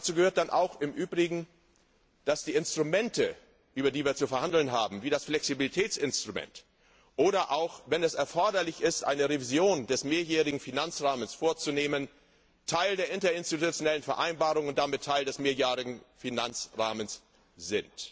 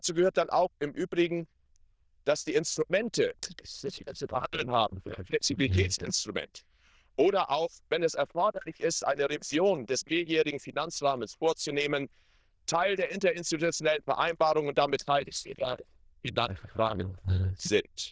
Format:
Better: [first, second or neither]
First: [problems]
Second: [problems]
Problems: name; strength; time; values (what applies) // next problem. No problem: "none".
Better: first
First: none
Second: noise reduction (neural diffusion model UNIVERSE++)